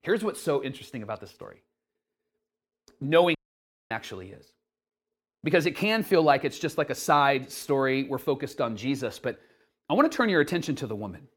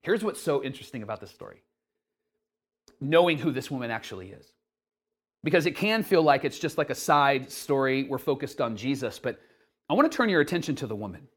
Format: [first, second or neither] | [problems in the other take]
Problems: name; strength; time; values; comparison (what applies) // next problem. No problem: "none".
second | audio cutting out; at 3.5 s for 0.5 s